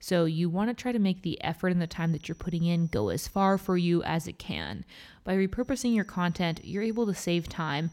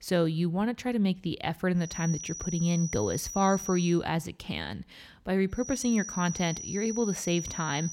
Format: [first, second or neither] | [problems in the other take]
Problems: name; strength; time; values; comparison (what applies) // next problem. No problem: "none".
first | high-pitched whine; loud; from 2 to 4 s and from 5.5 s on; 6 kHz, 8 dB below the speech; faint in the first